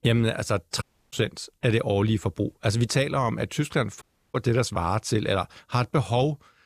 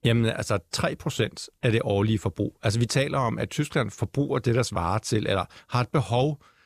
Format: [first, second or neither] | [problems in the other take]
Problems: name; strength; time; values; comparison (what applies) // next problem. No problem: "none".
second | audio cutting out; at 1 s and at 4 s